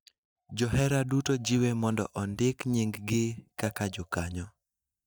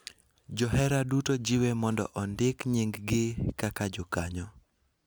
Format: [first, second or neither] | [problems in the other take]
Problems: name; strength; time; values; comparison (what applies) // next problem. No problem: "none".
second | noise reduction (neural mask model DeepFilterNet 3)